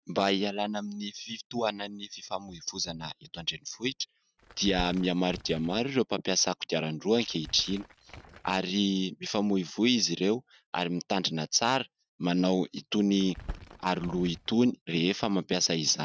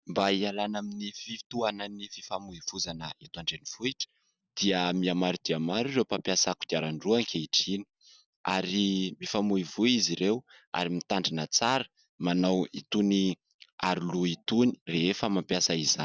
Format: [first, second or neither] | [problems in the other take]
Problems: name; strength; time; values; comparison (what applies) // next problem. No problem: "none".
second | noise reduction (neural mask model RNNoise)